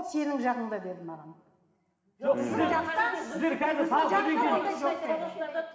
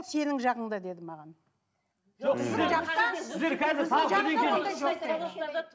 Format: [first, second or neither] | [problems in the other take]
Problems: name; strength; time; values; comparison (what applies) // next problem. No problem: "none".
second | room echo; dies away in 1.7 s